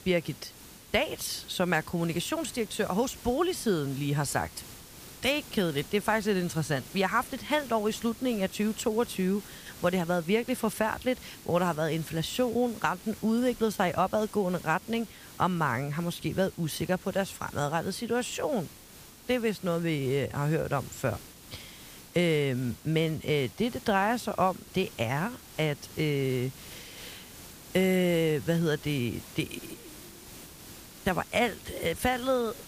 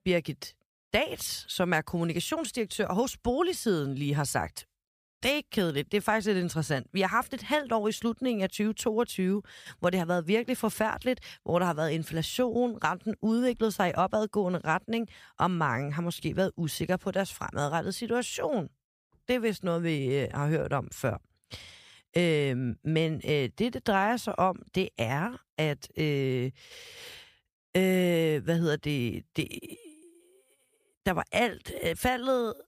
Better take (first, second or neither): second